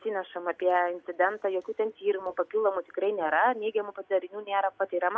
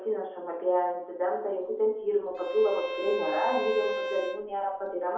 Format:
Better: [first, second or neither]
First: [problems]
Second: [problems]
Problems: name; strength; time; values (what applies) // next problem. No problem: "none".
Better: first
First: none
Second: background sound (Bowed string instrument); 6 dB below the speech // room echo; dies away in 0.8 s